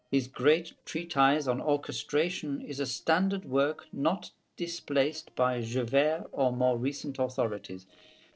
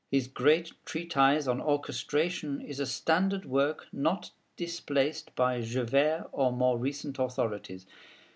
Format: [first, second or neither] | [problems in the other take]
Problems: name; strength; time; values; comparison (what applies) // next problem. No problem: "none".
second | noise reduction (neural separator model SepFormer DNS4)